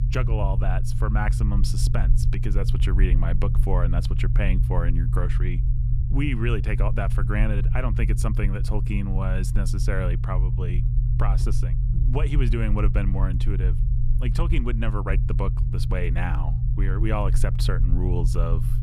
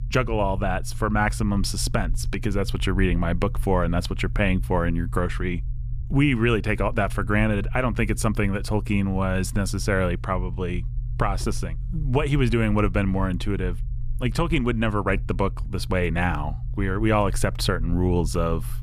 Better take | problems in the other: second | low rumble; loud; throughout; 7 dB below the speech; faint in the second

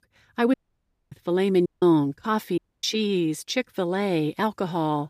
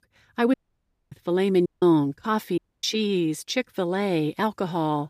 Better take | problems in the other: neither | audio cutting out; at 0.5 s for 0.5 s, at 1.5 s and at 2.5 s; the same in both

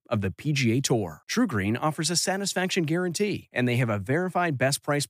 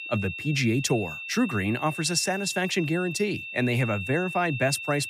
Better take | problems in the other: first | high-pitched whine; loud; throughout; 2.5 kHz, 8 dB below the speech

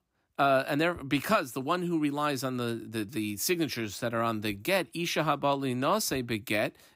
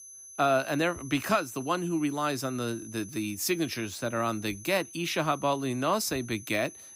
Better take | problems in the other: first | high-pitched whine; noticeable; throughout; 6 kHz, 15 dB below the speech

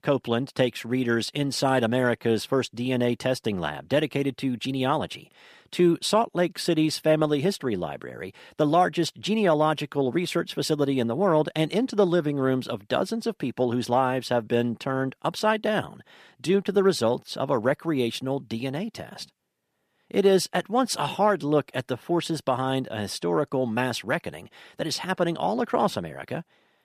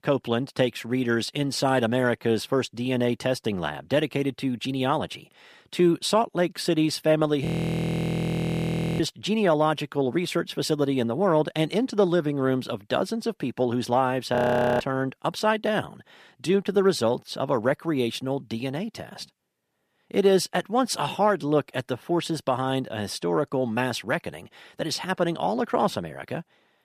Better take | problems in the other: first | audio freezing; at 7.5 s for 1.5 s and at 14 s

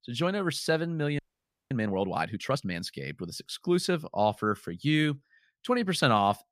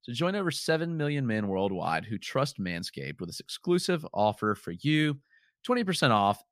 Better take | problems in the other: second | audio freezing; at 1 s for 0.5 s

